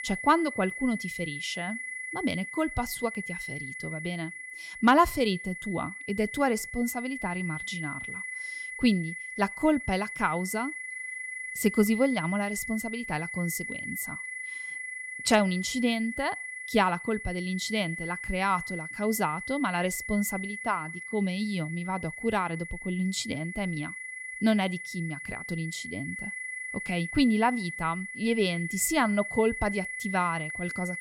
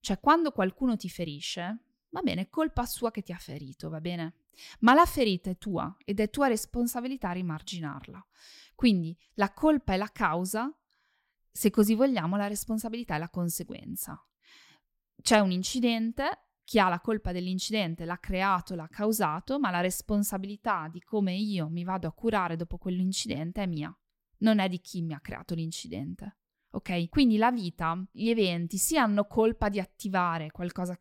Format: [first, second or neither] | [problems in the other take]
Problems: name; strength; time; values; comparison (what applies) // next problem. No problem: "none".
second | high-pitched whine; loud; throughout; 2 kHz, 7 dB below the speech